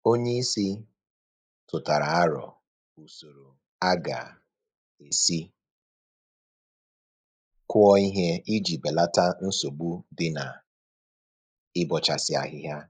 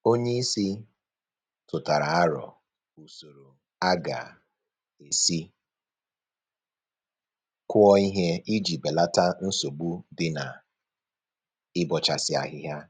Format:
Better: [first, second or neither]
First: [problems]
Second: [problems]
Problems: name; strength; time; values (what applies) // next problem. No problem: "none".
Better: second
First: noise reduction (neural mask model Resemble Enhance denoiser)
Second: none